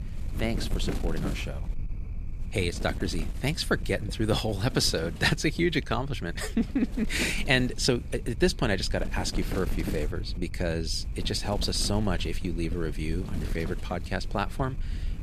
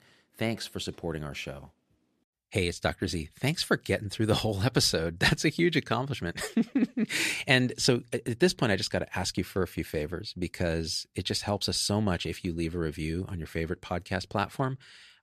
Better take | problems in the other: second | wind noise on the microphone; occasional gusts; 15 dB below the speech

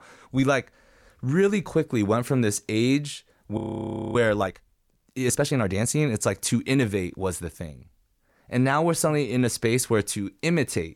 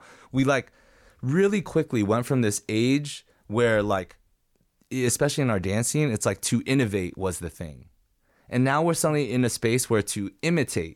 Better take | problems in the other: second | audio freezing; at 3.5 s for 0.5 s

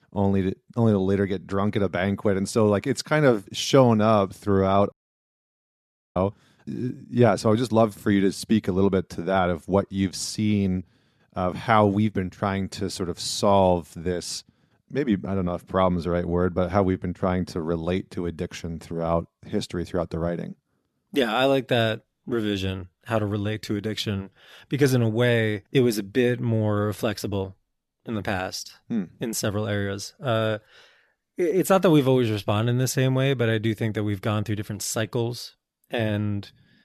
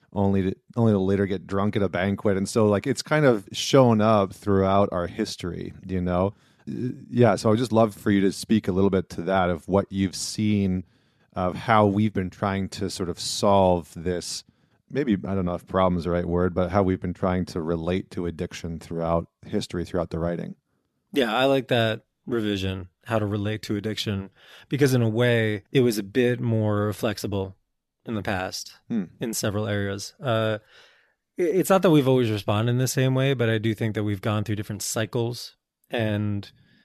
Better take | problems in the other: second | audio cutting out; at 5 s for 1 s

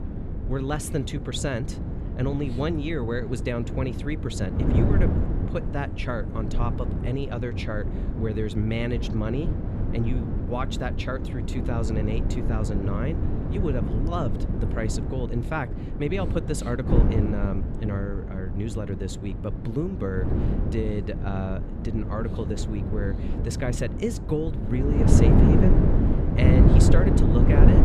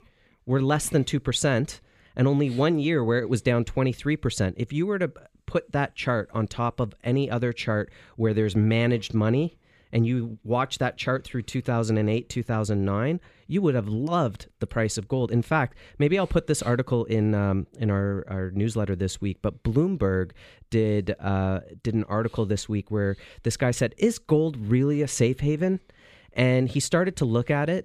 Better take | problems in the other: second | wind noise on the microphone; heavy; 2 dB below the speech

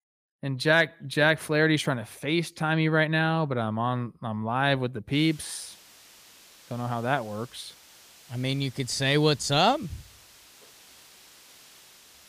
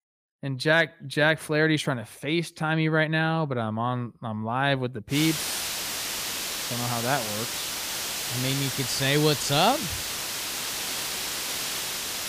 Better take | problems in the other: first | hiss; loud; from 5 s on; 3 dB below the speech; faint in the first

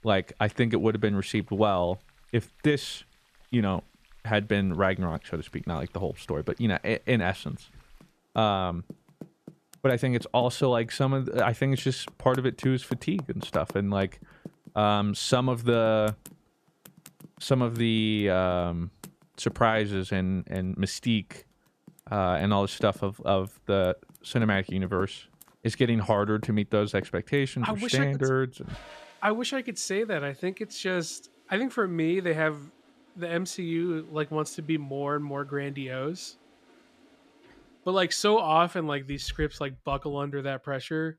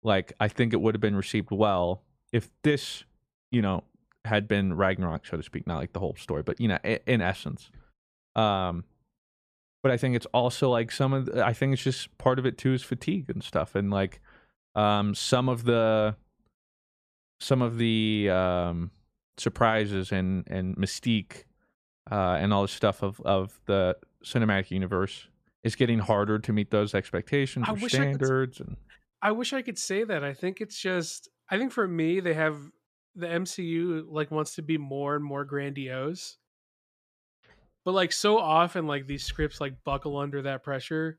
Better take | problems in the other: second | household noises; faint; throughout; 25 dB below the speech

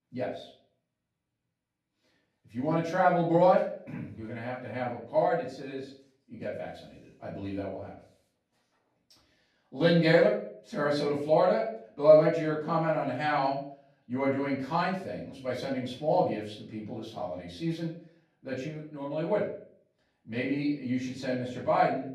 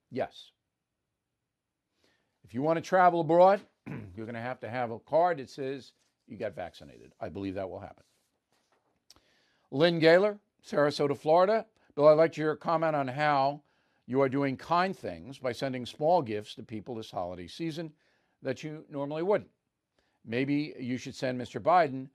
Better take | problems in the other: second | off-mic speech; far // room echo; noticeable; dies away in 0.4 s

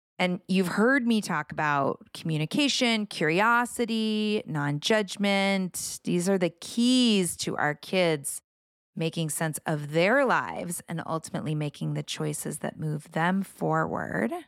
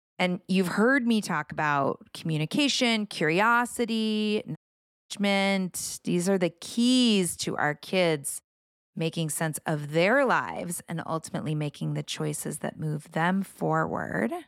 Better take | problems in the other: first | audio cutting out; at 4.5 s for 0.5 s

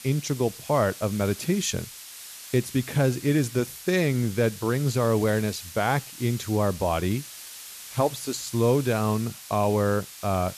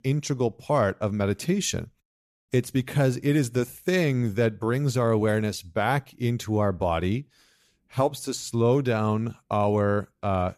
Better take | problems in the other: second | hiss; noticeable; throughout; 15 dB below the speech

